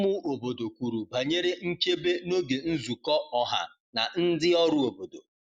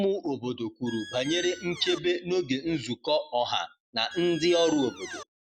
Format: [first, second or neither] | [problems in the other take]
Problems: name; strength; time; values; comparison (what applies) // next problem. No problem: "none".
first | background sound (Squeak); 13 dB below the speech